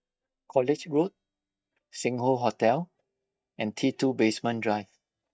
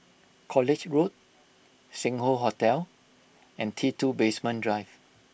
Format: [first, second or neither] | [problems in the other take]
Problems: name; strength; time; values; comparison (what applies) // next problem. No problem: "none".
second | noise reduction (neural mask model DeepFilterNet 3)